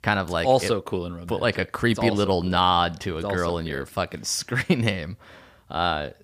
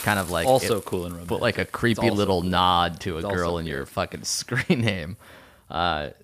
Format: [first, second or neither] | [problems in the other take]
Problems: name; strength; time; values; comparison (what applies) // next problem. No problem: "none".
first | hiss; noticeable; throughout; 20 dB below the speech